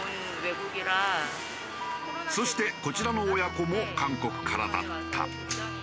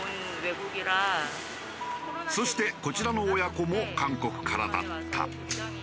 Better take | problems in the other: second | background sound (Keyboard (musical)); 11 dB below the speech

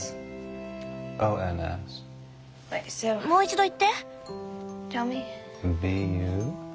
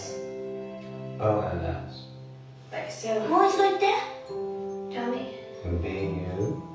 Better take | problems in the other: first | room echo; dies away in 0.6 s

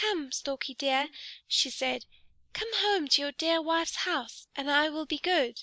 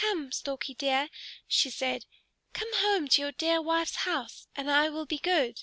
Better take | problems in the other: second | noise reduction (neural mask model Resemble Enhance denoiser)

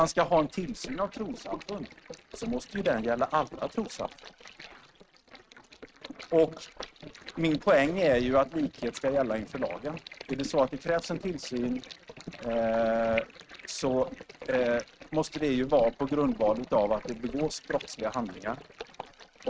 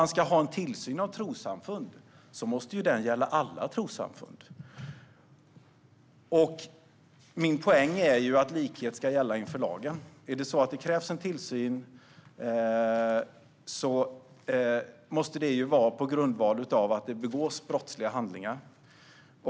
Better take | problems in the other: second | noise reduction (neural mask model RNNoise)

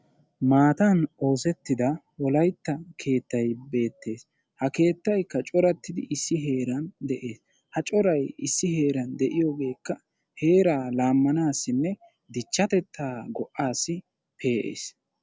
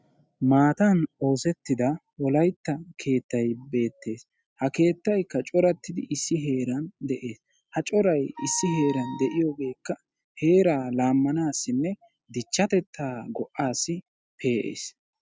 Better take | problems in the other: first | noise reduction (classical method spectral subtraction)

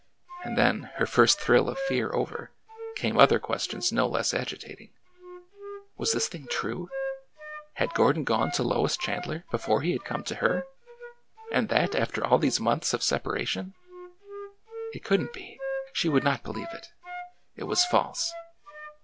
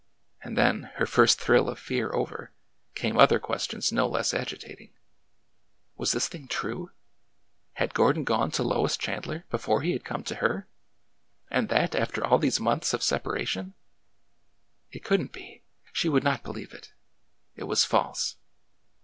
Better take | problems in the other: second | background sound (Wind instrument, woodwind instrument); 12 dB below the speech

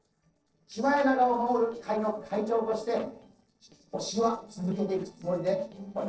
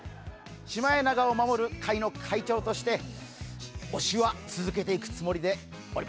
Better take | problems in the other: second | noise reduction (neural separator model SepFormer DNS4)

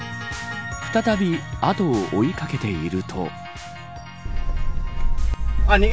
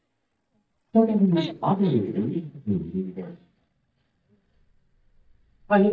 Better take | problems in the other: first | noise reduction (neural mask model DeepFilterNet 3)

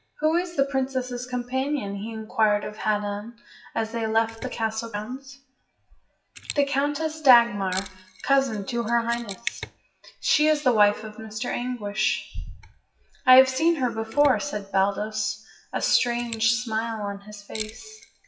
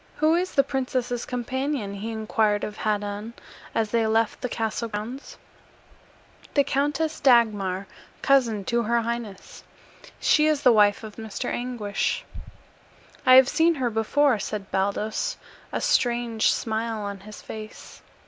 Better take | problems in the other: second | noise reduction (classical method WPE with log-MMSE)

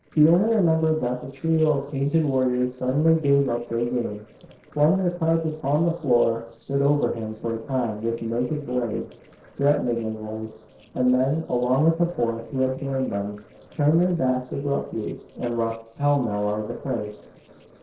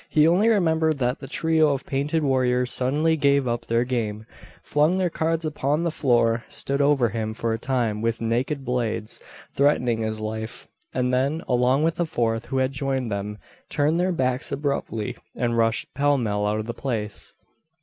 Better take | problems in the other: second | noise reduction (neural separator model SepFormer DNS4)

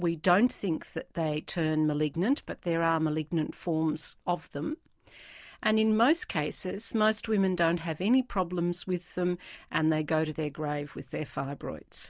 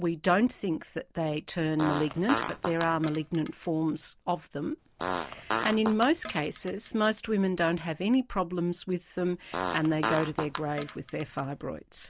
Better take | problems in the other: first | background sound (Fart); 7 dB below the speech

